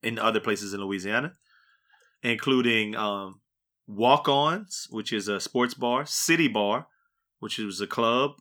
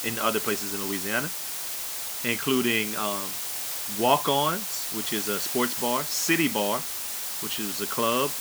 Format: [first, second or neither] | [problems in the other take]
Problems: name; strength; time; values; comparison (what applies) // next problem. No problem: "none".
first | hiss; loud; throughout; 2 dB below the speech